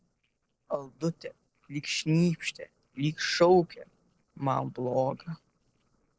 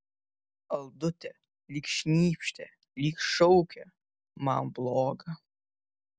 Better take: second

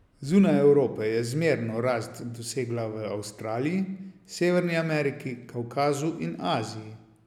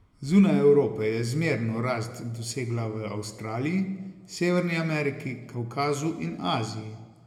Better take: first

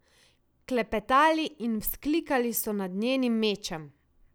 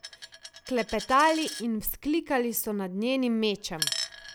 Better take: first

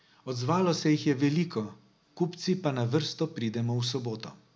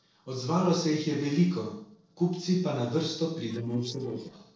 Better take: first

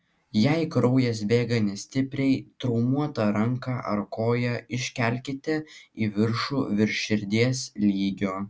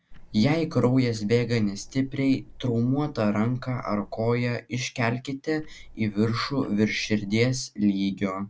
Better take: first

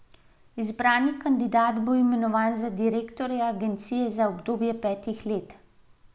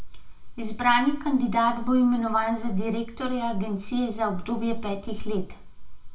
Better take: first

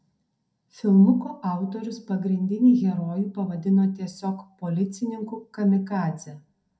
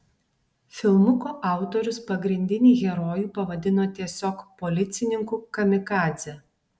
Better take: second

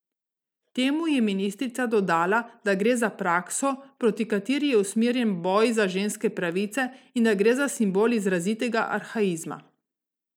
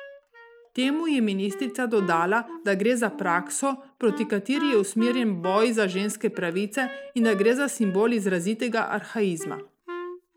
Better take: first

